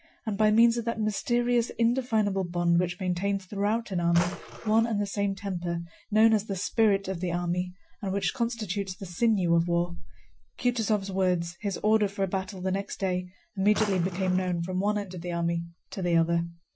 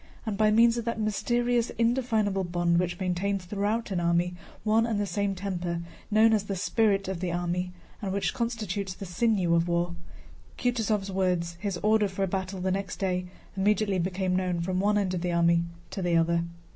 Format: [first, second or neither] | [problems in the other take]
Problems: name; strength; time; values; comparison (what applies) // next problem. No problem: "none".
second | noise reduction (classical method Wiener filter)